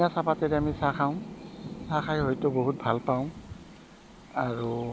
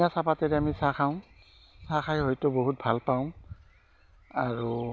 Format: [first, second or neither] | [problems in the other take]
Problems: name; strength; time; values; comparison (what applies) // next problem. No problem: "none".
second | background sound (Rain); 12 dB below the speech